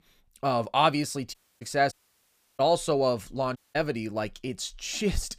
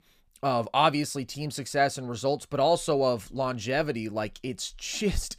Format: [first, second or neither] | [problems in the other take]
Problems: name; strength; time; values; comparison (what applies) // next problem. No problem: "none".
second | audio cutting out; at 1.5 s, at 2 s for 0.5 s and at 3.5 s